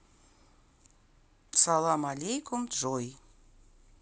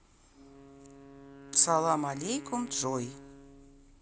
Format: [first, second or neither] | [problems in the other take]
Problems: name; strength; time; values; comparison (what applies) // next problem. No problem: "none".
first | background sound (Wind instrument, woodwind instrument); 17 dB below the speech